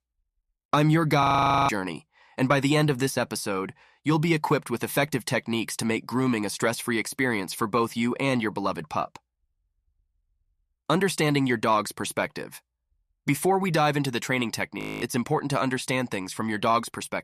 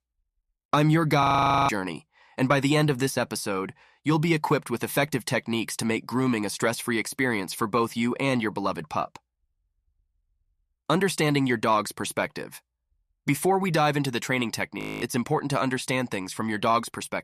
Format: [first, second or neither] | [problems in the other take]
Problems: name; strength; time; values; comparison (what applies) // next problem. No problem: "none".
neither | audio freezing; at 1 s and at 15 s; the same in both